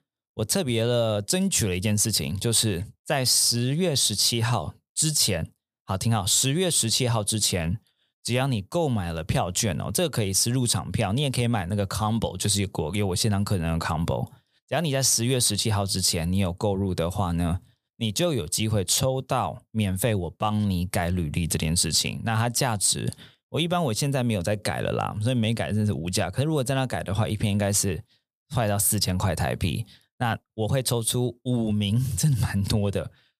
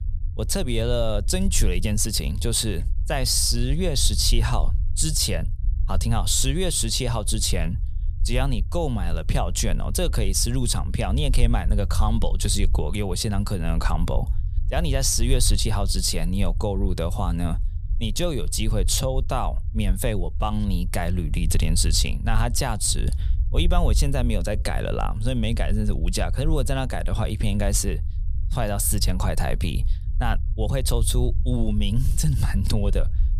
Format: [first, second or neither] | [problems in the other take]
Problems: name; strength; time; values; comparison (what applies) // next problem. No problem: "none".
first | low rumble; faint; throughout; 20 dB below the speech